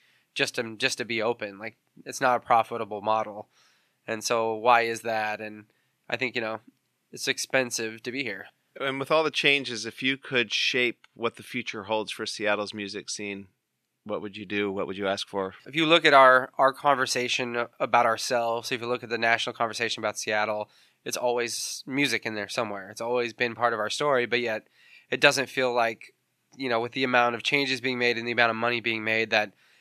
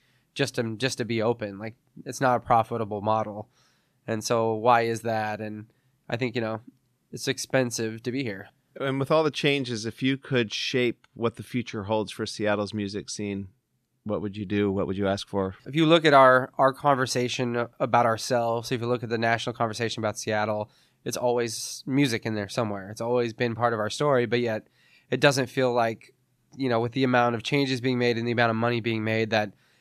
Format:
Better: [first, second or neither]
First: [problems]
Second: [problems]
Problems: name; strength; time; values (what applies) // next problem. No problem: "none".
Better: second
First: thin; very slightly; fading below 500 Hz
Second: none